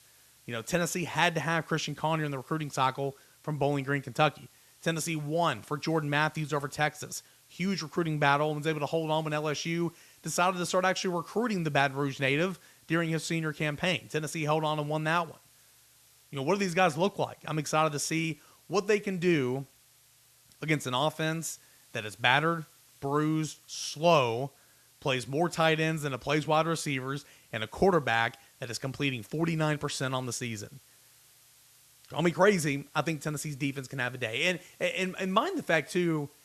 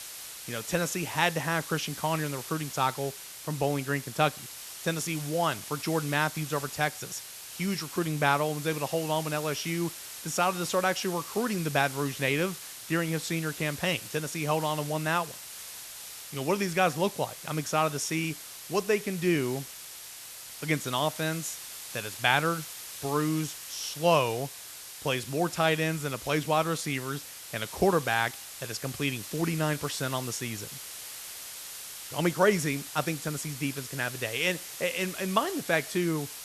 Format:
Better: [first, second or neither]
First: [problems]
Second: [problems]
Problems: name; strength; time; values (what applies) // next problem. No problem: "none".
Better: first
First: hiss; faint; throughout; 30 dB below the speech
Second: hiss; loud; throughout; 10 dB below the speech